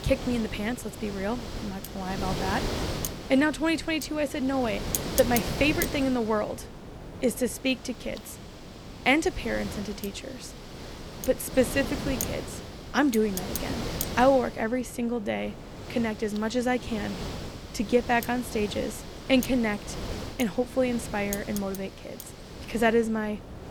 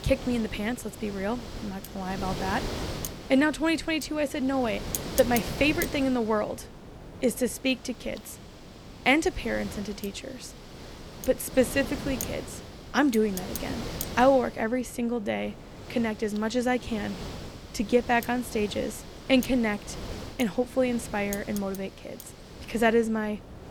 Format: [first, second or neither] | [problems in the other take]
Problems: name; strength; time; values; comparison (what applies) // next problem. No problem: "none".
second | wind noise on the microphone; heavy; 10 dB below the speech; occasional gusts in the second